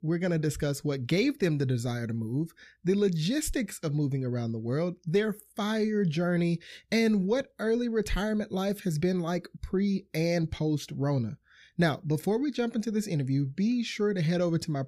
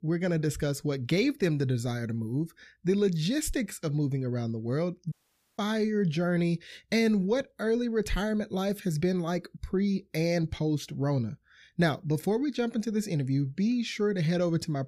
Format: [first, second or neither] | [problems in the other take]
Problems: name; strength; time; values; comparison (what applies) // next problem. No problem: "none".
first | audio cutting out; at 5 s